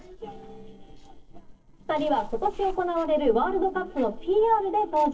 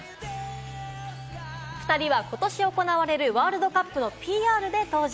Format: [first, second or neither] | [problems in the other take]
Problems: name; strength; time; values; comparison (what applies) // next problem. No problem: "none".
second | noise reduction (neural separator model SepFormer DNS4)